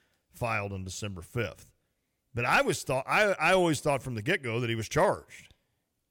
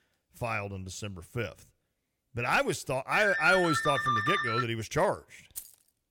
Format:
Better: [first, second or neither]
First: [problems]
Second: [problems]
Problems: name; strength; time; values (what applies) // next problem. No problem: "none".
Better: first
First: none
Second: phone ringing; loud; from 3 to 4.5 s; peak 3 dB above the speech // jangling keys; faint; at 5.5 s; peak 15 dB below the speech